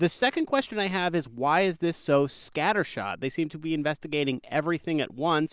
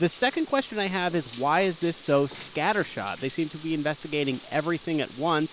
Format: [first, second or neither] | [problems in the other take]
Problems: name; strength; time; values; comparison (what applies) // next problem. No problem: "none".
first | background sound (Bathtub (filling or washing)); 20 dB below the speech